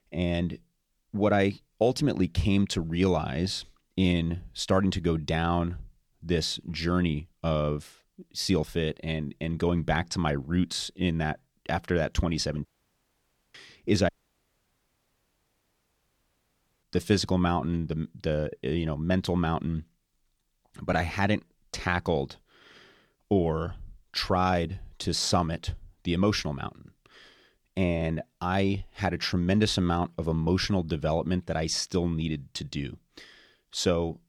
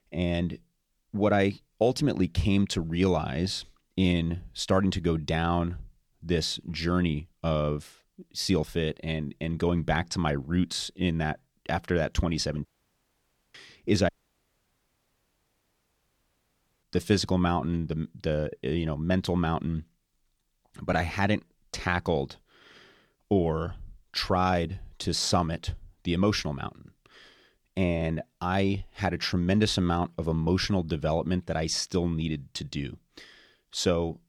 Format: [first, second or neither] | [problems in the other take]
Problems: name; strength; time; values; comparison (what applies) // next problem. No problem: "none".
neither | audio cutting out; at 13 s for 1 s and at 14 s for 2.5 s; the same in both